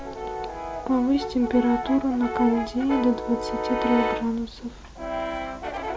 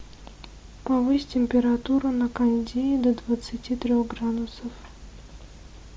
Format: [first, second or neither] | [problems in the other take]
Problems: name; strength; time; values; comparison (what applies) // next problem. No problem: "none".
second | background sound (Brass instrument); 5 dB below the speech